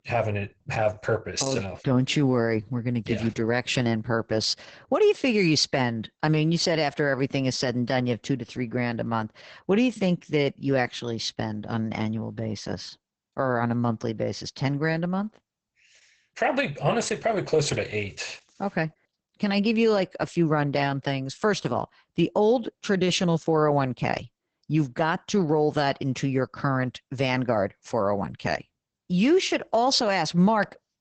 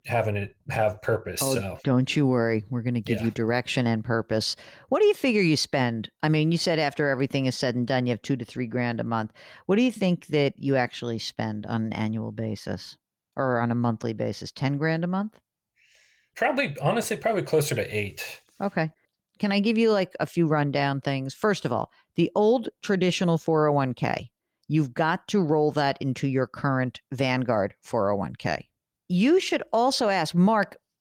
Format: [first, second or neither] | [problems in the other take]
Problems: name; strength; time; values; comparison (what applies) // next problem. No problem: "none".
second | garbled, watery; badly; nothing above 8 kHz; slightly in the second